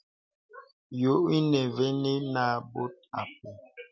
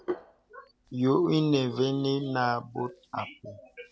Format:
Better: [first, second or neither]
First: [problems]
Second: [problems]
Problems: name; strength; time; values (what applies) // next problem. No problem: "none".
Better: first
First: none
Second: background sound (Hands); 16 dB below the speech